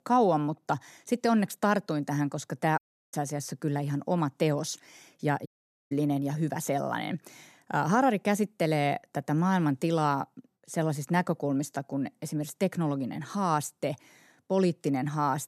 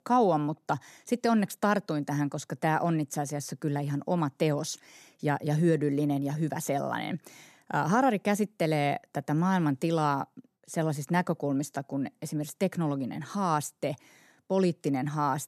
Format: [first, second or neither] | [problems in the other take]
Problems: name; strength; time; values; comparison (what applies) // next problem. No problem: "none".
second | audio cutting out; at 3 s and at 5.5 s